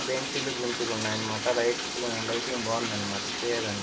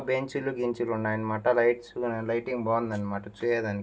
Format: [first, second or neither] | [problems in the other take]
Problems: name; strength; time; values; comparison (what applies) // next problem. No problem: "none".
second | background sound (Bathtub (filling or washing)); 1 dB below the speech